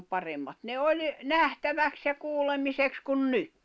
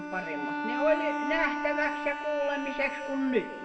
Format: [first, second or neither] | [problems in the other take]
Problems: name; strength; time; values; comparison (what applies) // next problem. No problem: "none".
first | background sound (Bowed string instrument); 3 dB below the speech // room echo; dies away in 1.4 s